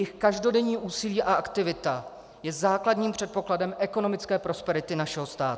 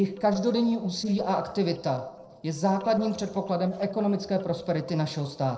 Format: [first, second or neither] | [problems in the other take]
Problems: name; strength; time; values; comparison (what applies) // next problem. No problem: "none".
first | noise reduction (neural separator model SepFormer DNS4)